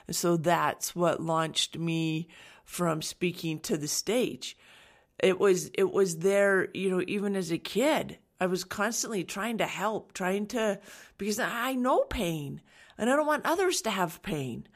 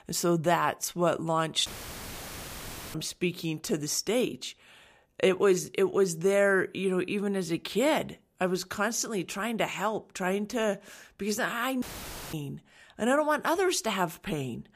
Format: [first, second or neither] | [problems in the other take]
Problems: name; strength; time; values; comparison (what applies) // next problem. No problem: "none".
first | audio cutting out; filled with static; at 1.5 s for 1.5 s and at 12 s for 0.5 s